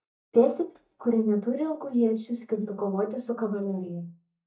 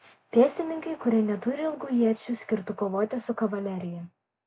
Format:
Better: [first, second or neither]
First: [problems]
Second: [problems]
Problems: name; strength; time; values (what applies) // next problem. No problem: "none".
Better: second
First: noise reduction (neural mask model DeepFilterNet 3)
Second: none